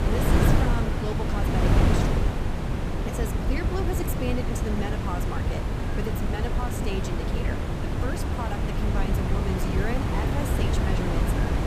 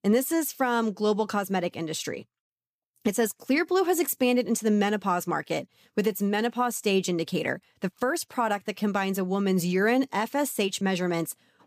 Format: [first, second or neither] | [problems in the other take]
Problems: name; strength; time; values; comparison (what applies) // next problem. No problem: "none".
second | wind noise on the microphone; heavy; 4 dB above the speech